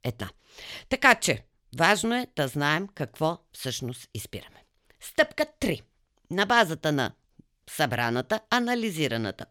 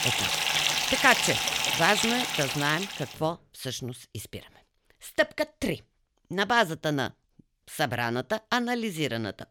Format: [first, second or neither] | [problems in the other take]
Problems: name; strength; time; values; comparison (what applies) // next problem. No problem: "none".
first | household noises; very loud; until 2.5 s; 2 dB above the speech